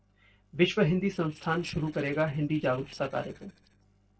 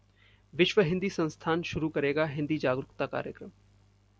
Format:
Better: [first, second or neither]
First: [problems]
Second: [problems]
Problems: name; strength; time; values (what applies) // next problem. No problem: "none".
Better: second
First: noise reduction (neural separator model SepFormer DNS4)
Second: none